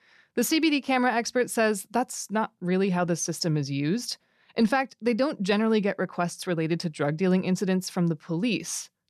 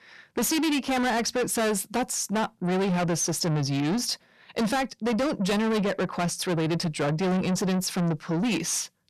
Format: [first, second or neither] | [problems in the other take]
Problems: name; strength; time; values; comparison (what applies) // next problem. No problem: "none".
first | distortion; heavy; 7 dB below the speech